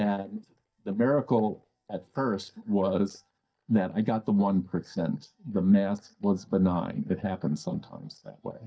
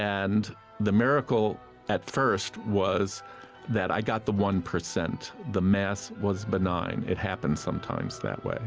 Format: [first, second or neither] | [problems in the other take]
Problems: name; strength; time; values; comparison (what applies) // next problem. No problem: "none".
second | noise reduction (neural mask model DeepFilterNet 3)